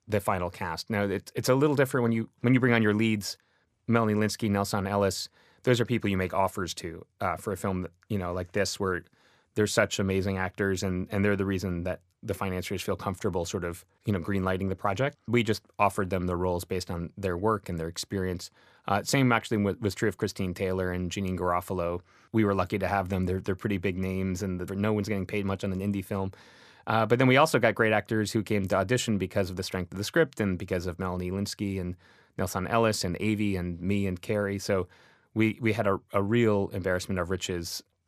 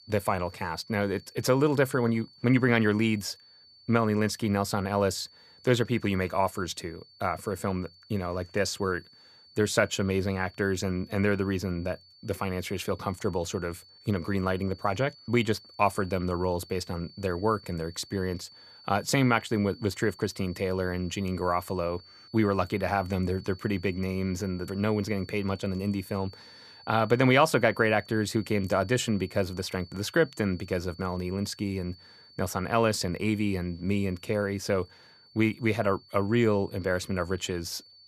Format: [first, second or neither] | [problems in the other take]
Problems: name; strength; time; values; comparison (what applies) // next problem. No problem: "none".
first | high-pitched whine; faint; throughout; 4.5 kHz, 25 dB below the speech